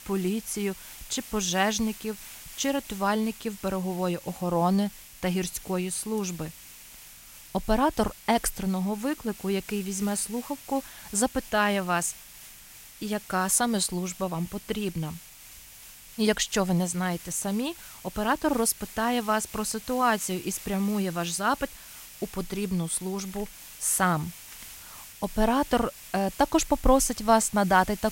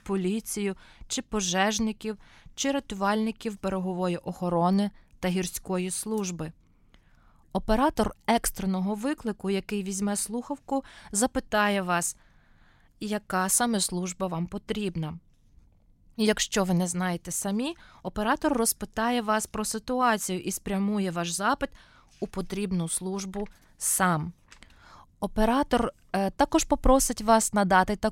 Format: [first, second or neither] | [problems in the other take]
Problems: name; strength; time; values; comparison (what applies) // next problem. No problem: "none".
second | hiss; noticeable; throughout; 15 dB below the speech